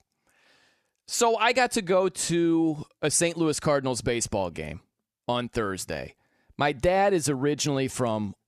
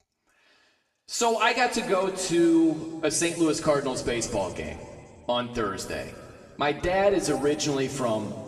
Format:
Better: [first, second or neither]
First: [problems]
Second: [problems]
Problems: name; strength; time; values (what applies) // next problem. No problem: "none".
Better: first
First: none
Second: room echo; slight; dies away in 1.9 s // off-mic speech; far